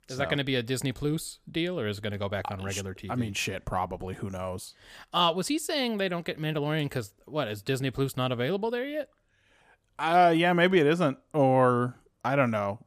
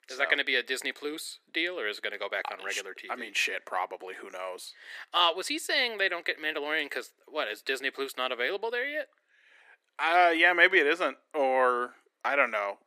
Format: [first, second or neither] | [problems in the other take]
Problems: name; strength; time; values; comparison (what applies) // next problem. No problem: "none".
first | thin; very; fading below 350 Hz